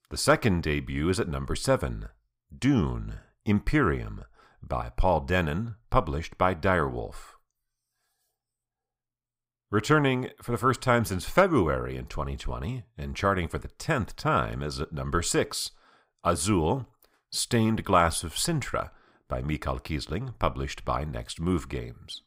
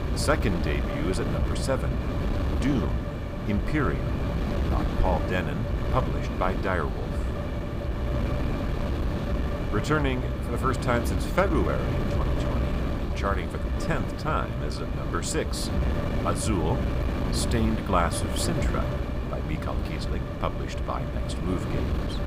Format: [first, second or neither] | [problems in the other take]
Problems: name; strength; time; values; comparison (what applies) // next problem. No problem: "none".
first | wind noise on the microphone; heavy; 4 dB below the speech